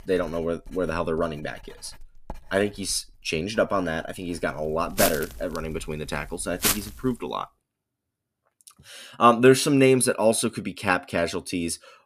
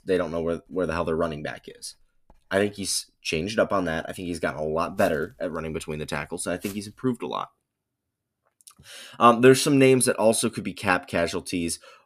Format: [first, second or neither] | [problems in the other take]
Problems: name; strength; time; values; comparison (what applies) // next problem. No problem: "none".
second | household noises; loud; until 7 s; 3 dB below the speech; faint in the second